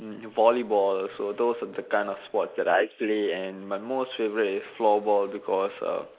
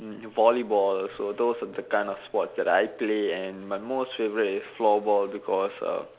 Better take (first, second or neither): second